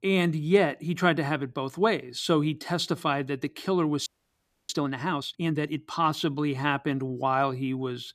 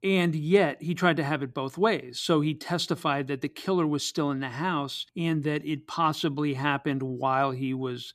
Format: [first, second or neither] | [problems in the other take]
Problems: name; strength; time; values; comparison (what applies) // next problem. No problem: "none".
second | audio freezing; at 4 s for 0.5 s